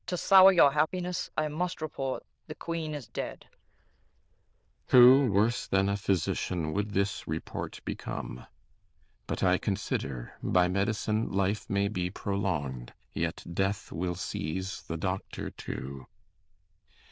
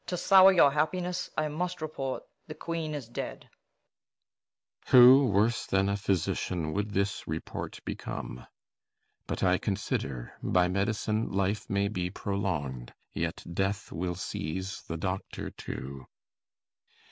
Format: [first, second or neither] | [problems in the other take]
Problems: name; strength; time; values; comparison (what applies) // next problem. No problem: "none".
second | noise reduction (neural diffusion model UNIVERSE++)